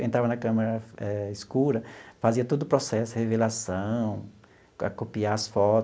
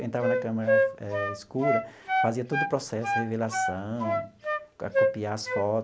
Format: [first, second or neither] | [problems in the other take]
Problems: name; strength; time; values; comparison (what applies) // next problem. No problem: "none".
first | background sound (Wind instrument, woodwind instrument); 3 dB above the speech